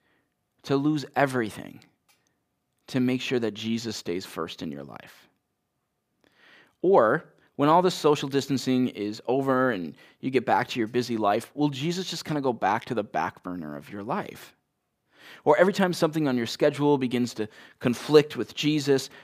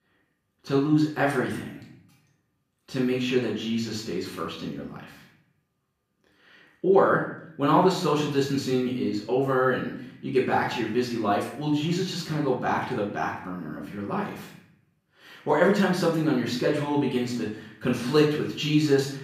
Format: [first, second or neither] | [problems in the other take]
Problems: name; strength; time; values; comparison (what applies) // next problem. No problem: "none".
first | off-mic speech; far // room echo; noticeable; dies away in 0.6 s